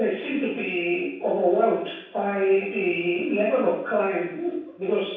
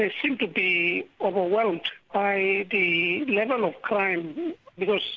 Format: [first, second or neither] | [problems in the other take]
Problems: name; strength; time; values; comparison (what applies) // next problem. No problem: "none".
second | room echo; dies away in 0.7 s